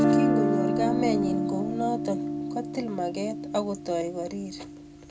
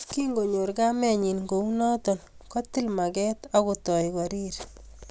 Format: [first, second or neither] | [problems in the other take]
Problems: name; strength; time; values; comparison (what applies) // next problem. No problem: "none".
second | background sound (Guitar); 3 dB above the speech // room echo; dies away in 0.2 s